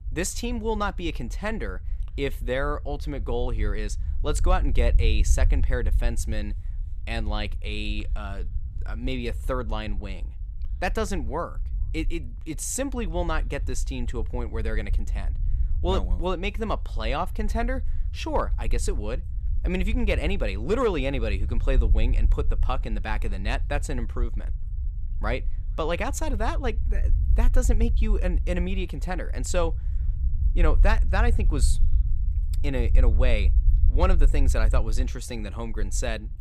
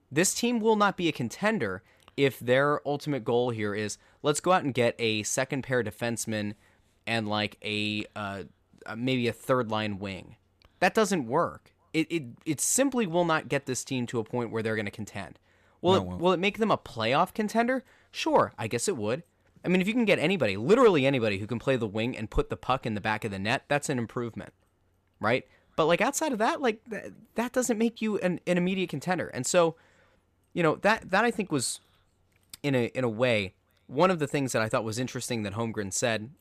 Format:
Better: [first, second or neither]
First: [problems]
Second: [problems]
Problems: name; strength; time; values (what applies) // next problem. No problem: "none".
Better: second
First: low rumble; noticeable; throughout; 20 dB below the speech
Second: none